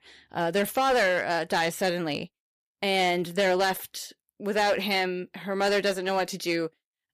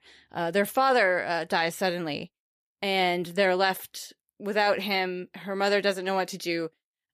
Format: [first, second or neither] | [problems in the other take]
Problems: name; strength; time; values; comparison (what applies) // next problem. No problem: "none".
second | distortion; slight; 6% of the sound clipped